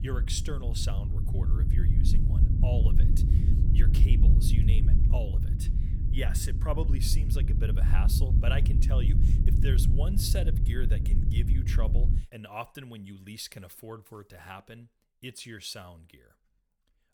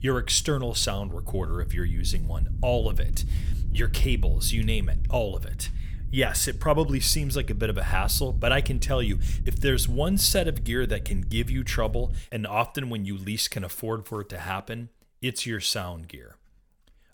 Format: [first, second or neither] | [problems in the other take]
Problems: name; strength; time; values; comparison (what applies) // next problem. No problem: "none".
second | low rumble; loud; until 12 s; 3 dB below the speech; faint in the second